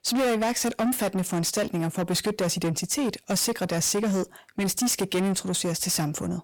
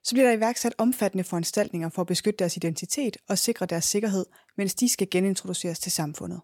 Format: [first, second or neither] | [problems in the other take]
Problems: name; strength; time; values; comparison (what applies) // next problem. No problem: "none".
second | distortion; heavy; 7 dB below the speech